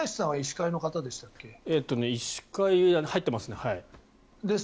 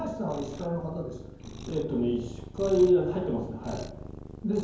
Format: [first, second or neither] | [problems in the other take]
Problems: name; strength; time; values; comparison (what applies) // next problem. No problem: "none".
first | background sound (Cat); 13 dB below the speech // room echo; dies away in 0.9 s